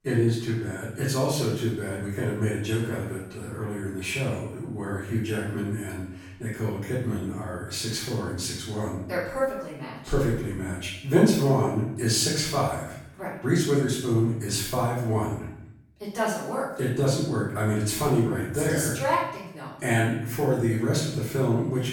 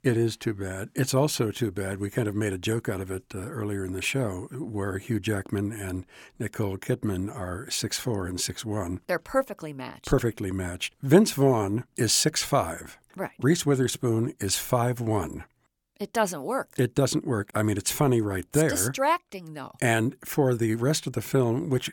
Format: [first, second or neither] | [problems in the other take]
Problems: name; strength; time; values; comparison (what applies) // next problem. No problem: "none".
second | off-mic speech; far // room echo; noticeable; dies away in 0.7 s